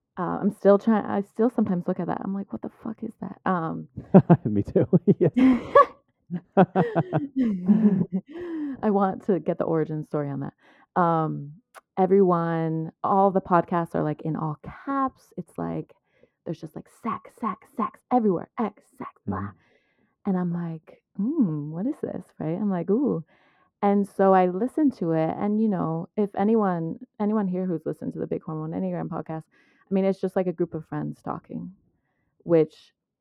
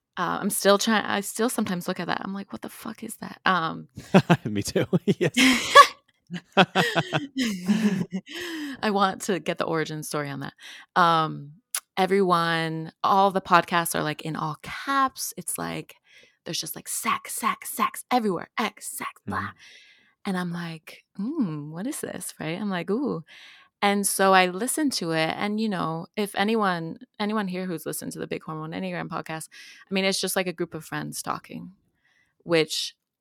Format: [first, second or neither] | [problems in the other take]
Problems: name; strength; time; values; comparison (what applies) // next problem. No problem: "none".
second | muffled; very; fading above 2 kHz